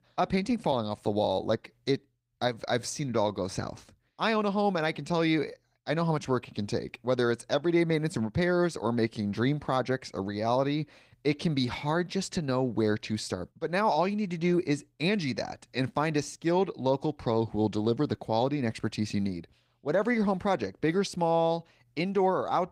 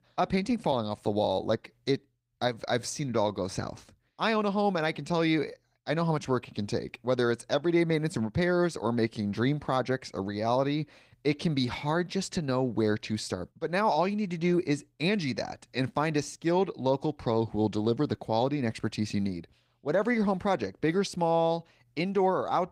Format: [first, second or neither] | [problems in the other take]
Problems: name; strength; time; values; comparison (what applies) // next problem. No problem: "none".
neither | garbled, watery; slightly; nothing above 15.5 kHz; the same in both